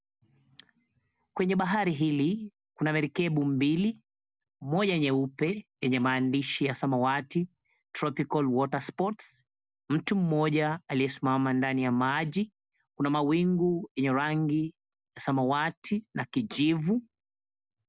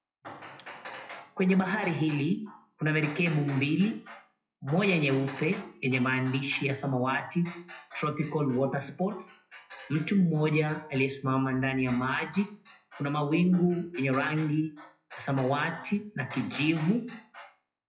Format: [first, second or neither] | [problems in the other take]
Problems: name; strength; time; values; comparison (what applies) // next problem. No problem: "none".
first | noise reduction (classical method WPE with log-MMSE)